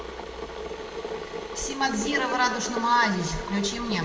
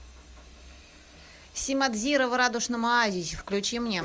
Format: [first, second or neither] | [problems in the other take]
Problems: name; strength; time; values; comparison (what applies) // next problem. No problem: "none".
second | background sound (Boiling / Water); 8 dB below the speech // room echo; dies away in 2.1 s